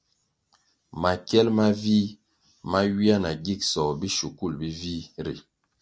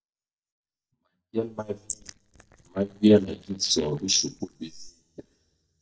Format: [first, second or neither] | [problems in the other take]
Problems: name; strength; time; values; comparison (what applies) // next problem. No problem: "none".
first | noise reduction (neural mask model DeepFilterNet 3)